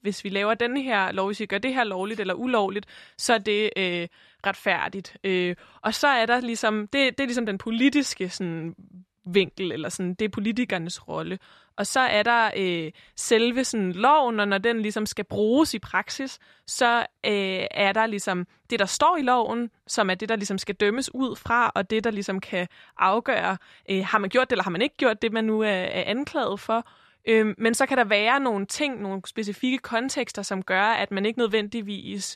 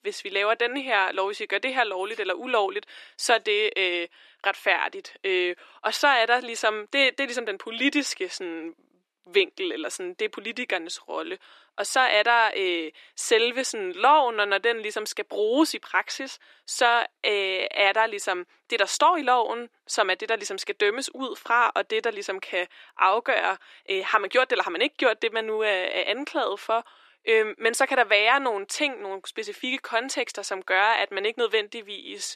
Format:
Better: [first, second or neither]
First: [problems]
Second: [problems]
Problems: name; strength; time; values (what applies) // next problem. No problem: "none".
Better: first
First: none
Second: thin; somewhat; fading below 300 Hz